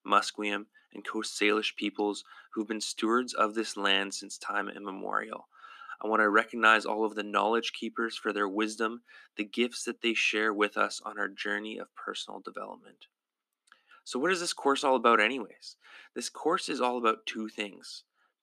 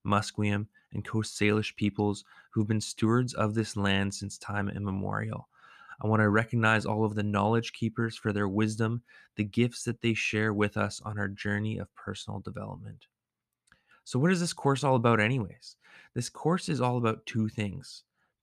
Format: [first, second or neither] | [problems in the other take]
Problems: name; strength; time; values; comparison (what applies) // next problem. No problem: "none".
second | thin; somewhat; fading below 250 Hz